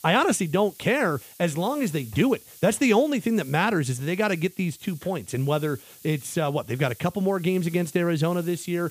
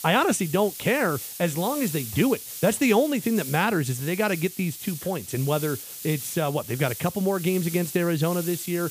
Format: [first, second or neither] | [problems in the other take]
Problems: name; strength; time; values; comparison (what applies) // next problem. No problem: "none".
first | hiss; loud; throughout; 10 dB below the speech; faint in the first